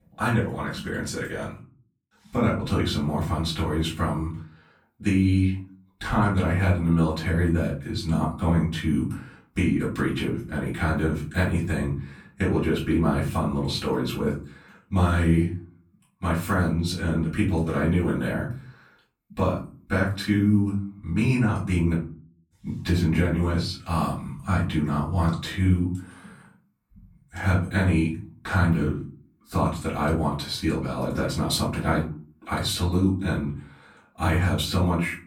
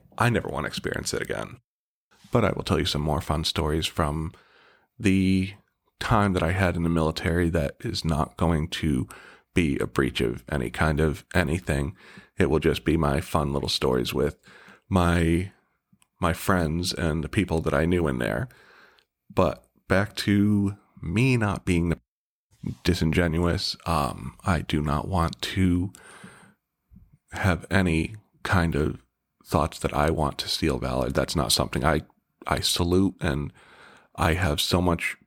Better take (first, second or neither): second